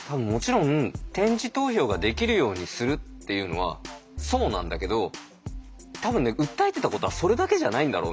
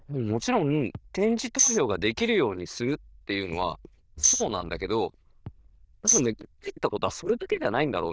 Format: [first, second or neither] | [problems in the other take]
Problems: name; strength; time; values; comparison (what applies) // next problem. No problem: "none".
first | noise reduction (neural diffusion model UNIVERSE++)